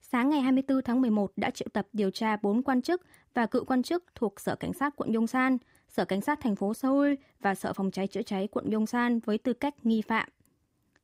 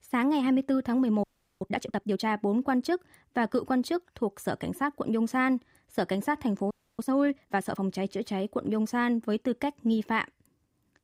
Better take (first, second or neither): first